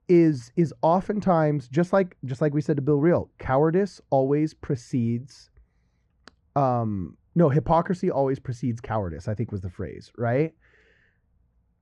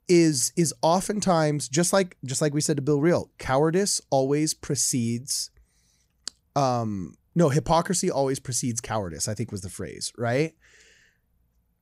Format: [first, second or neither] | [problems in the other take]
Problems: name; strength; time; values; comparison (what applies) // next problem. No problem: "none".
second | muffled; very; fading above 1.5 kHz